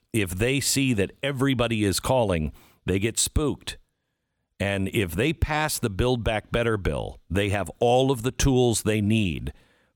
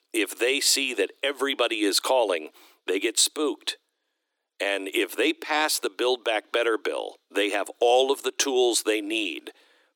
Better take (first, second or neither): first